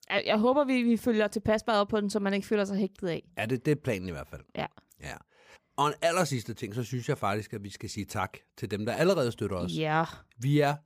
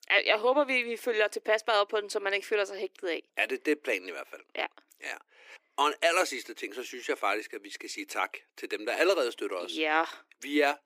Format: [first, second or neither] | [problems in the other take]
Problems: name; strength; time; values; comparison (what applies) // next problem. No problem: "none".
first | thin; somewhat; fading below 300 Hz